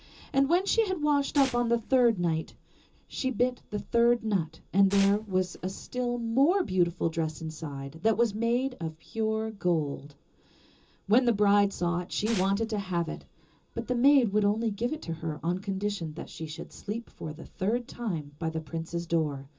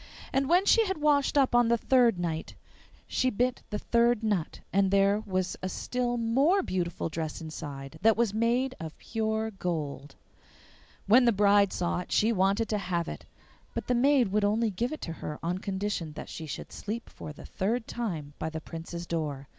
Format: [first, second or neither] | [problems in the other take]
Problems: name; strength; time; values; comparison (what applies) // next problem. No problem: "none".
second | background sound (Tearing); 16 dB below the speech // room echo; dies away in 0.2 s